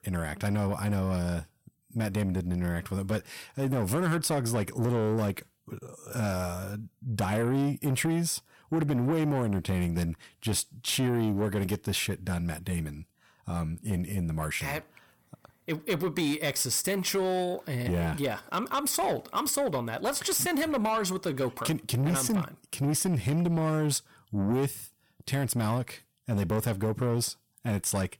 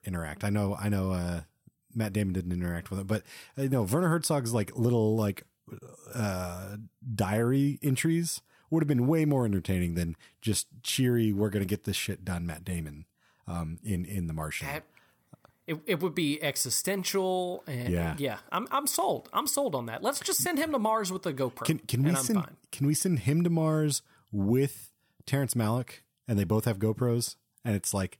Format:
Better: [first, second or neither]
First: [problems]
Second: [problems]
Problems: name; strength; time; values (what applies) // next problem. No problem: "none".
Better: second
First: distortion; slight; 10 dB below the speech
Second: none